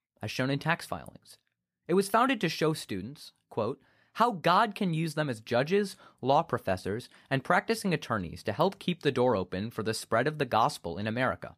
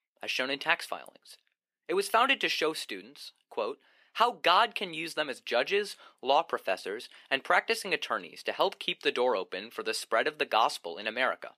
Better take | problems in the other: first | thin; somewhat; fading below 350 Hz

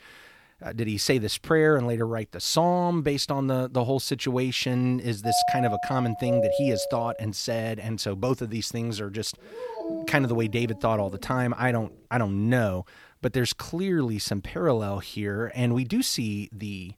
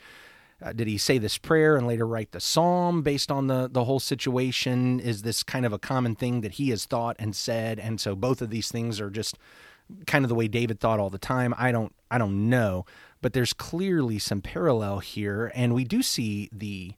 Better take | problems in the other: second | doorbell; loud; from 5.5 to 7.5 s; peak 2 dB above the speech // dog barking; noticeable; from 9.5 to 12 s; peak 7 dB below the speech

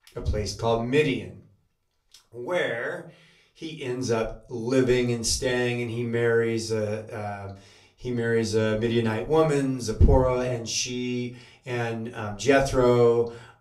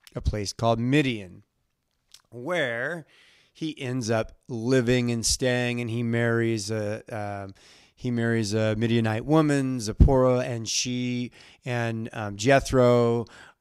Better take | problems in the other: second | off-mic speech; somewhat distant // room echo; very slight; dies away in 0.3 s

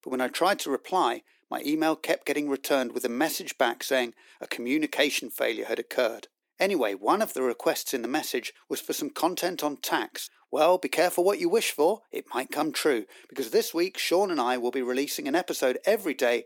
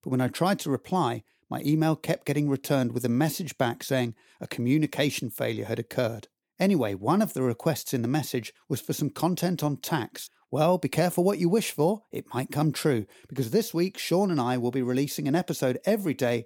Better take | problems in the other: second | thin; somewhat; fading below 300 Hz

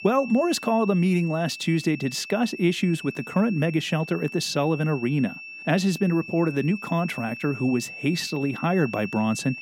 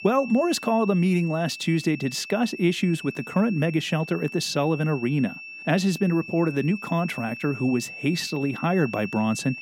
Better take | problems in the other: neither | high-pitched whine; noticeable; throughout; 2.5 kHz, 10 dB below the speech; the same in both

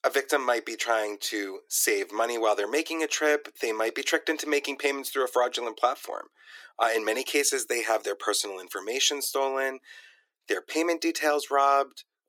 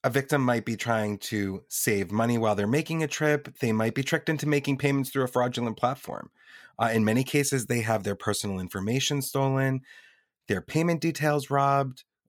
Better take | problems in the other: second | thin; very; fading below 300 Hz

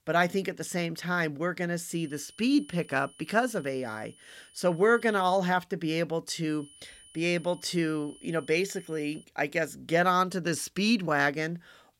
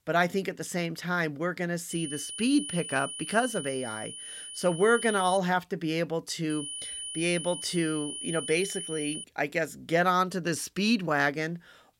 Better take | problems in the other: first | high-pitched whine; loud; from 2 to 5.5 s and from 6.5 to 9 s; 3 kHz, 8 dB below the speech; faint in the first

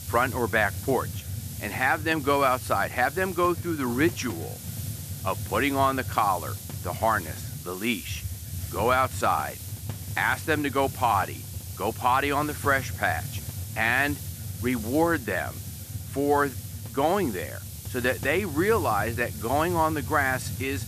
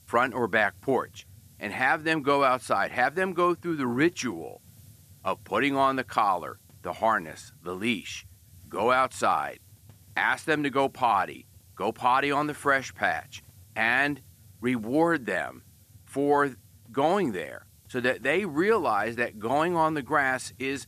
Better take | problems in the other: second | hiss; loud; throughout; 9 dB below the speech; faint in the second

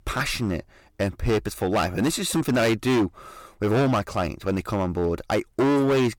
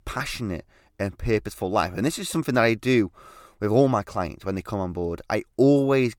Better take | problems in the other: second | distortion; heavy; 13% of the sound clipped

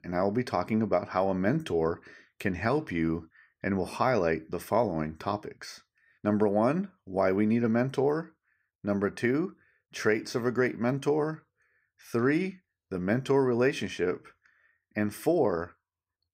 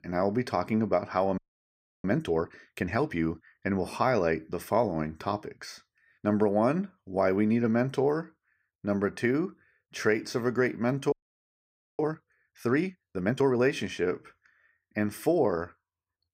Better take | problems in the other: first | audio freezing; at 1.5 s for 0.5 s and at 11 s for 1 s

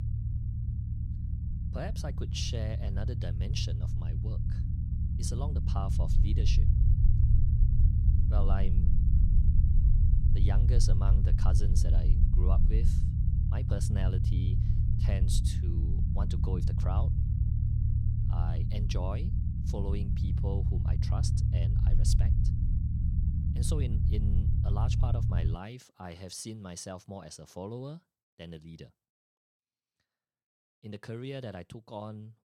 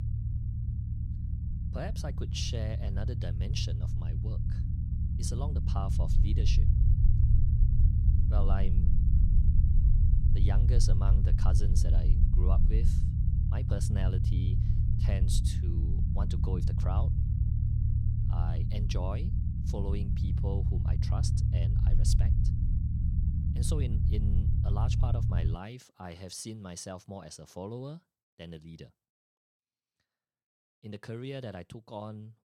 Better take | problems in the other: neither | low rumble; loud; until 26 s; 2 dB below the speech; the same in both

